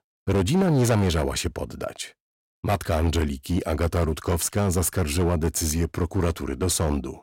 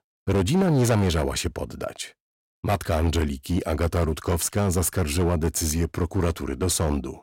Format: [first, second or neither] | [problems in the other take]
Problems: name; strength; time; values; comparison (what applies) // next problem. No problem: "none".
neither | distortion; slight; 10% of the sound clipped; the same in both